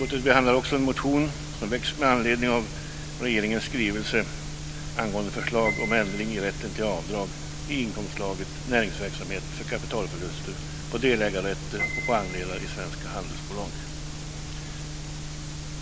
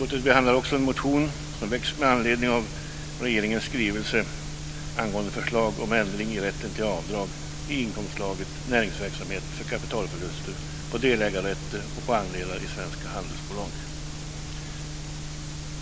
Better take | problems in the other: second | background sound (Piano); 15 dB below the speech

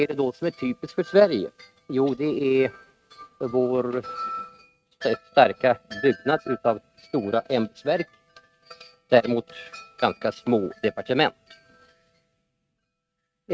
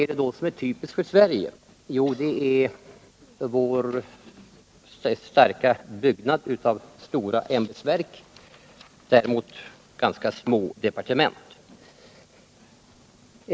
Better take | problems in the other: second | noise reduction (neural mask model RNNoise)

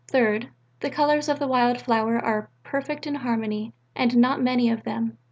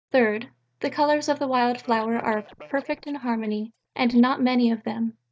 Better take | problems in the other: first | noise reduction (neural mask model DeepFilterNet 3)

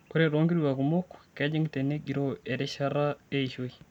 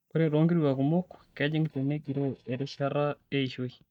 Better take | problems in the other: first | noise reduction (neural mask model DeepFilterNet 3)

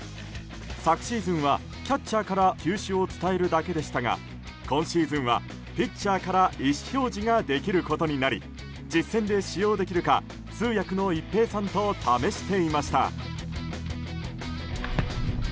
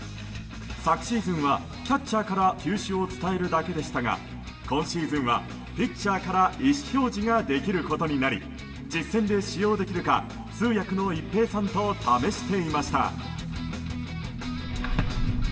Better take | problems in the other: first | room echo; dies away in 2.3 s

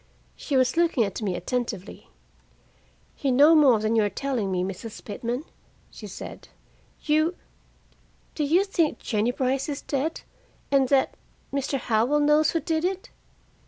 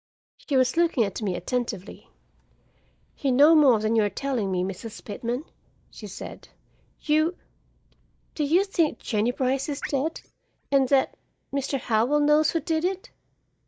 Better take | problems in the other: first | noise reduction (neural mask model DeepFilterNet 3)

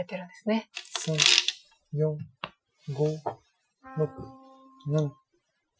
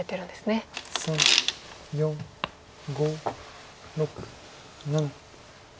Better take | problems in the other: second | noise reduction (classical method Wiener filter)

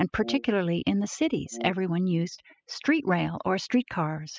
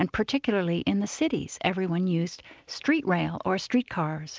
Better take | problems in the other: second | noise reduction (classical method spectral subtraction)

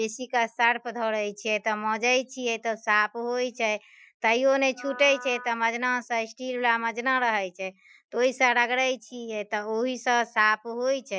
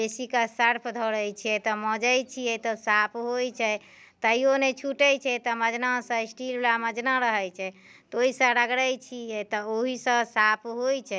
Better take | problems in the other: second | noise reduction (classical method Wiener filter)

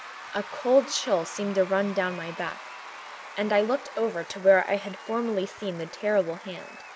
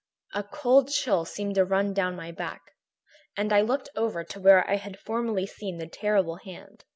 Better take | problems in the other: second | background sound (Applause / Crowd / Cheering); 15 dB below the speech

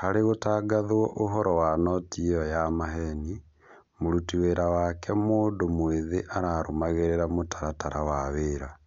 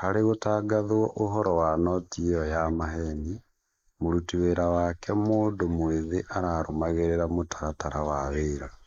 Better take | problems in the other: first | noise reduction (neural mask model Resemble Enhance denoiser)

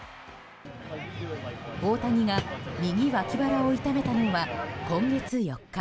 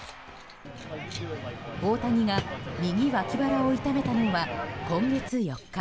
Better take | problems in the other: first | background sound (Keys jangling + Wind instrument, woodwind instrument); 20 dB below the speech

